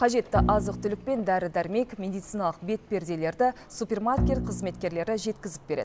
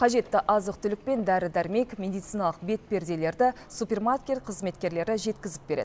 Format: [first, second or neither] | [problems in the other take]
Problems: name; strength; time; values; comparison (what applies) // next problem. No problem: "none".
second | background sound (Bowed string instrument); 4 dB below the speech